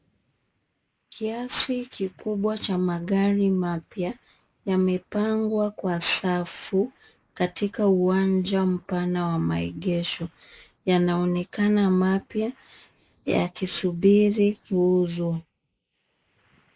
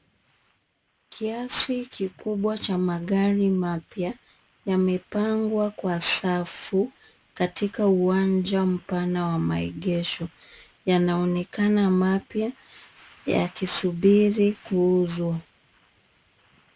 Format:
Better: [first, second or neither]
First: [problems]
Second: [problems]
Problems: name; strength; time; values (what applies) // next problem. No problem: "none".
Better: second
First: noise reduction (neural mask model Resemble Enhance denoiser)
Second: none